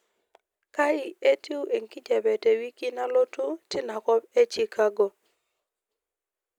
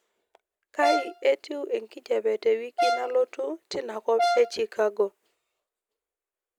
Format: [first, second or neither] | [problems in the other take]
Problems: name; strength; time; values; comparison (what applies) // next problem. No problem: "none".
first | background sound (Brass instrument); as loud as the speech